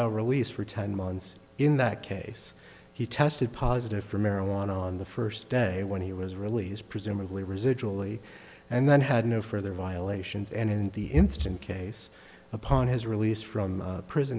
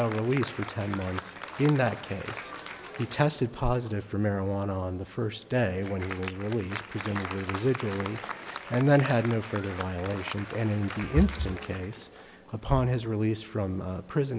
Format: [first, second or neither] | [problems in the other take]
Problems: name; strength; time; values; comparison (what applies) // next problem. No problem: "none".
first | background sound (Applause); 13 dB below the speech